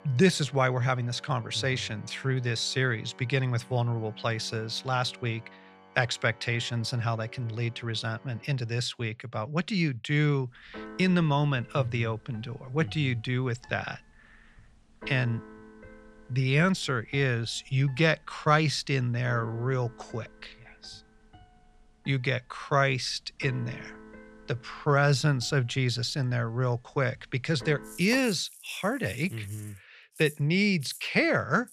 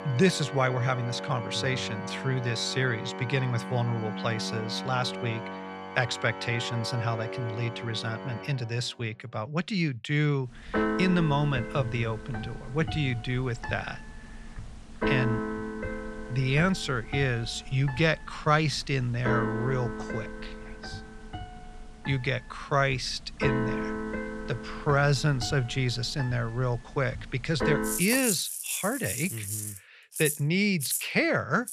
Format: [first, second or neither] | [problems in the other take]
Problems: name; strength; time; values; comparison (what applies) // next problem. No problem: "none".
first | background music; loud; throughout; 6 dB below the speech; faint in the first